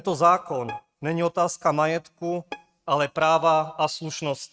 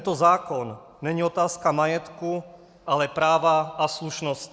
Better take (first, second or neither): second